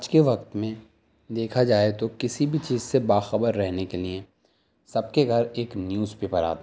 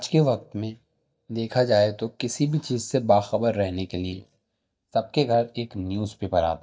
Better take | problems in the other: first | noise reduction (neural mask model DeepFilterNet 3)

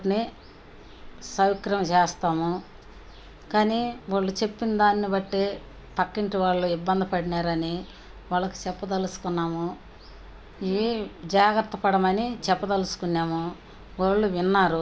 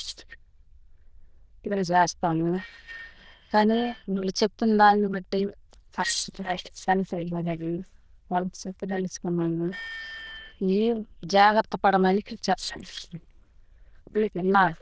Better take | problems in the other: first | noise reduction (neural diffusion model UNIVERSE++)

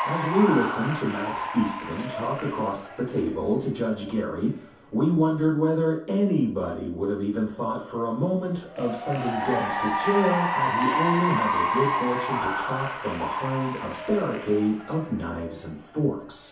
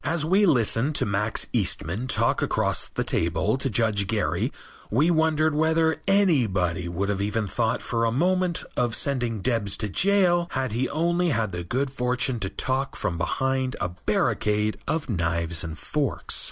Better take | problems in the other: second | background sound (Applause / Cheering); 5 dB below the speech // room echo; dies away in 0.5 s

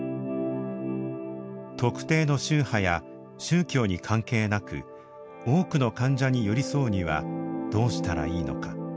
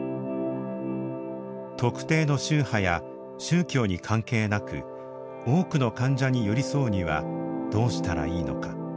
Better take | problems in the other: first | background sound (Wind instrument, woodwind instrument); 14 dB below the speech

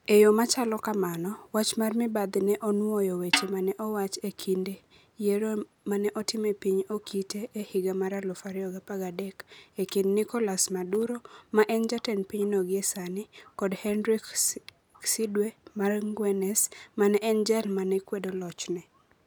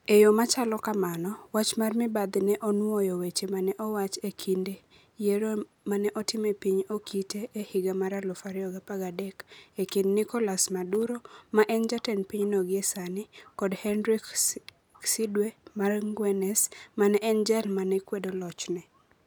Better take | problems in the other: second | background sound (Snare drum); 3 dB below the speech

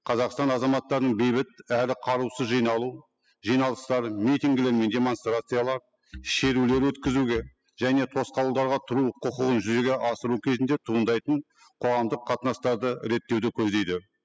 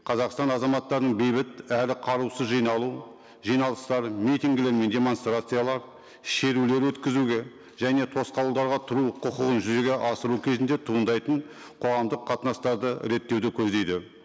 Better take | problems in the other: second | noise reduction (classical method spectral subtraction)

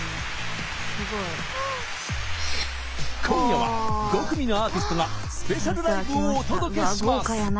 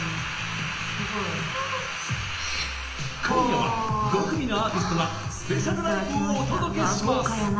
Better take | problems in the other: first | room echo; dies away in 0.8 s

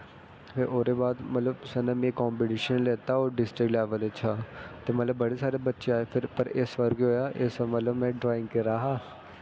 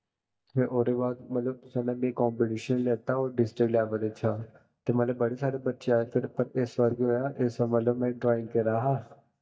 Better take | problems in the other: first | noise reduction (neural mask model DeepFilterNet 3)

